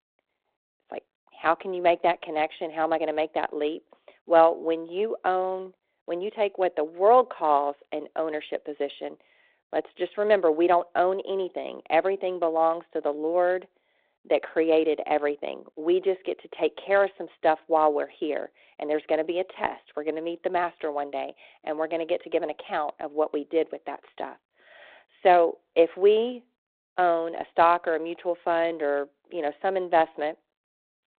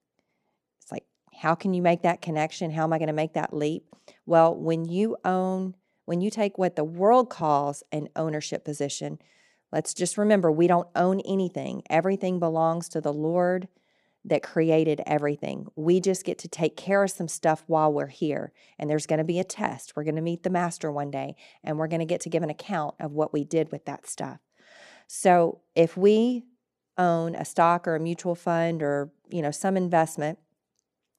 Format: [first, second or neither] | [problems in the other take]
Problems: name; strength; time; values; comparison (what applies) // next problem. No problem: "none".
second | phone-call audio; nothing above 3.5 kHz